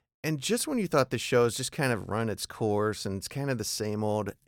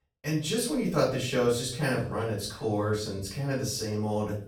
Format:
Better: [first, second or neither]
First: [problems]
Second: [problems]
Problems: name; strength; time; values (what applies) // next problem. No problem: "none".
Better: first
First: none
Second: room echo; noticeable; dies away in 0.4 s // off-mic speech; far